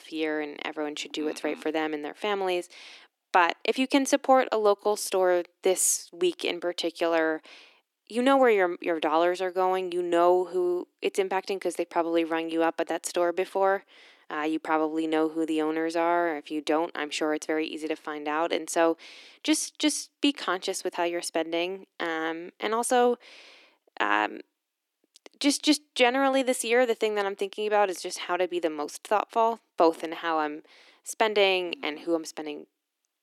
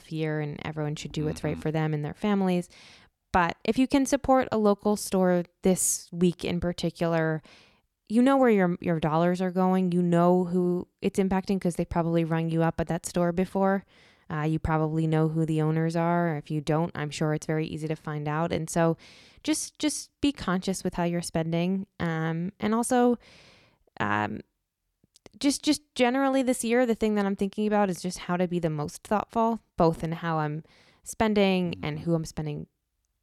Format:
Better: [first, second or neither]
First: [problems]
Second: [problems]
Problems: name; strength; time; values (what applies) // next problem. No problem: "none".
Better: second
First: thin; somewhat; fading below 300 Hz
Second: none